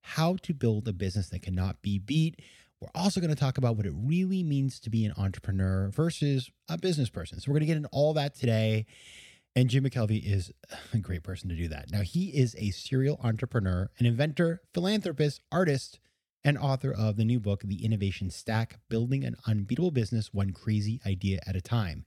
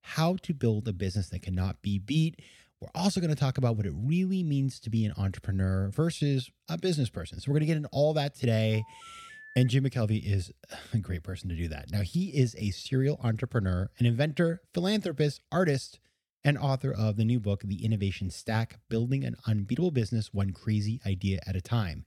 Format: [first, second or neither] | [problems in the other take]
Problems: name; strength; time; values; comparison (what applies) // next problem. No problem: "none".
first | phone ringing; faint; at 8.5 s; peak 15 dB below the speech